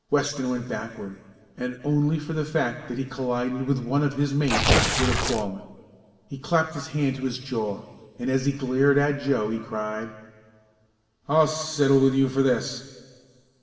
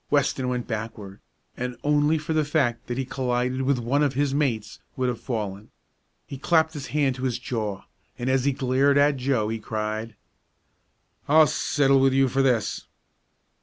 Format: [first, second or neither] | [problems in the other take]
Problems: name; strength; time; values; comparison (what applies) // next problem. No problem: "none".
second | background sound (Tearing); 2 dB above the speech // room echo; dies away in 1.8 s